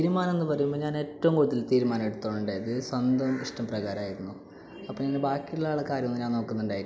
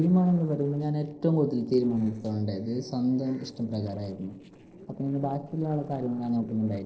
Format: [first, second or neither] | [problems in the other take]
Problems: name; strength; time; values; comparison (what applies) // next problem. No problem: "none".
first | noise reduction (neural separator model SepFormer DNS4)